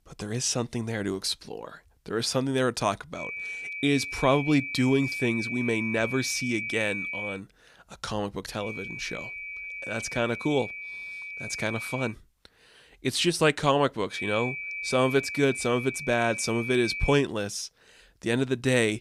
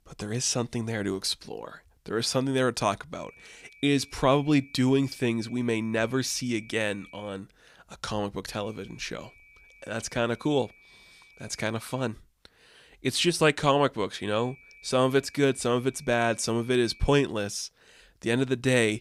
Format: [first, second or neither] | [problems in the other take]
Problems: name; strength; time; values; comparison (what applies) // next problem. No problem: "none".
second | high-pitched whine; loud; from 3 to 7.5 s, from 8.5 to 12 s and from 14 to 17 s; 2.5 kHz, 6 dB below the speech; faint in the second